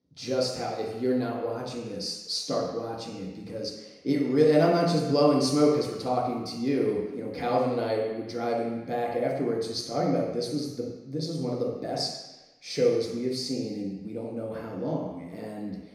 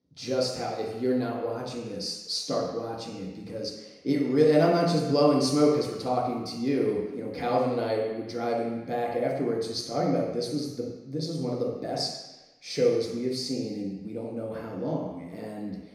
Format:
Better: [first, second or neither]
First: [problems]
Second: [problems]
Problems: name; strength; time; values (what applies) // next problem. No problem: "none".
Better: neither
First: room echo; noticeable; dies away in 1 s // off-mic speech; far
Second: room echo; noticeable; dies away in 1 s // off-mic speech; far